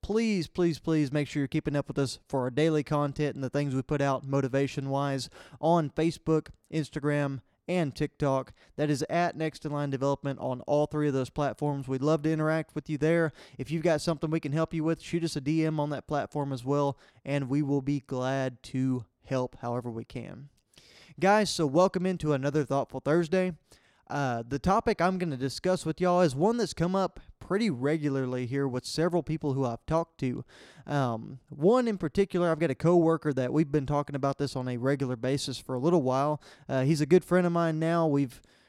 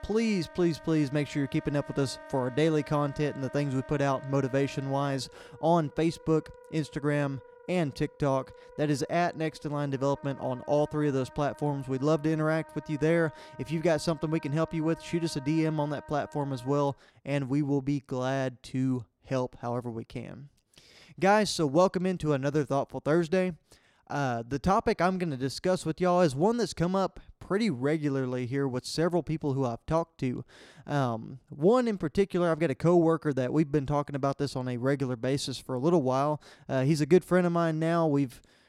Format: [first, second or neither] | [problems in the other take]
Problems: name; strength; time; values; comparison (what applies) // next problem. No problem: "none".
first | background music; faint; until 17 s; 20 dB below the speech